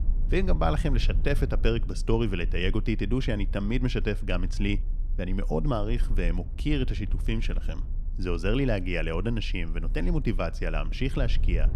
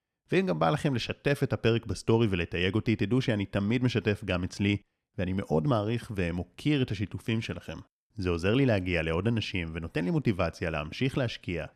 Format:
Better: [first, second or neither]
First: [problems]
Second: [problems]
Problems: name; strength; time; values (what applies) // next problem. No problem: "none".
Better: second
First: low rumble; noticeable; throughout; 20 dB below the speech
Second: none